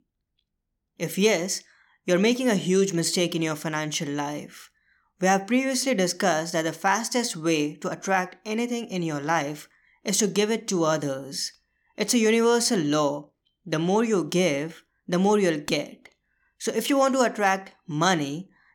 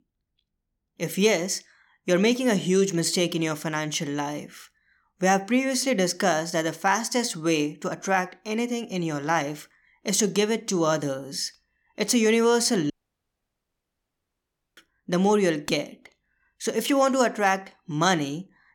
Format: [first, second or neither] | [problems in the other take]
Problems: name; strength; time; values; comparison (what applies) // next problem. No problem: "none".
first | audio cutting out; at 13 s for 2 s